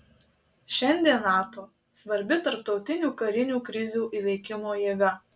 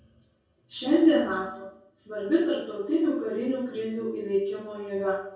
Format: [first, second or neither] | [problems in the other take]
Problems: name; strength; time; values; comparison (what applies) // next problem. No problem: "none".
first | room echo; dies away in 0.6 s